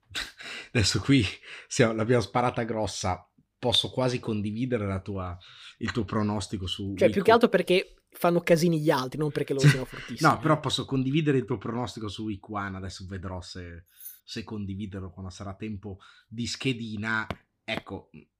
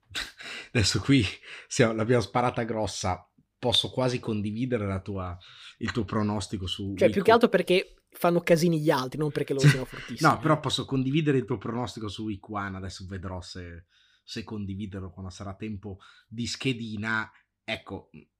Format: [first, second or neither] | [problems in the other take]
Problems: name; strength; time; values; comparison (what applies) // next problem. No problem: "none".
second | jangling keys; faint; at 14 s; peak 15 dB below the speech // footsteps; faint; at 17 s; peak 15 dB below the speech